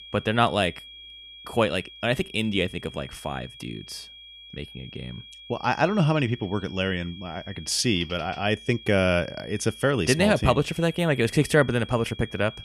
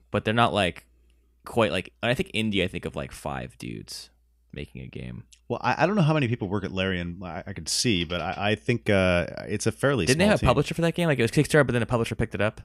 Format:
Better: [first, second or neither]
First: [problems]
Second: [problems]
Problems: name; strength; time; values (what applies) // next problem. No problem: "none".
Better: second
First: high-pitched whine; noticeable; throughout; 3.5 kHz, 20 dB below the speech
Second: none